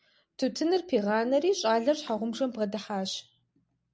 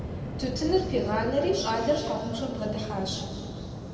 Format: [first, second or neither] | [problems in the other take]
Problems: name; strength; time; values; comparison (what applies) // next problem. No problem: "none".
first | background sound (Waves, surf); 6 dB below the speech // room echo; dies away in 2.3 s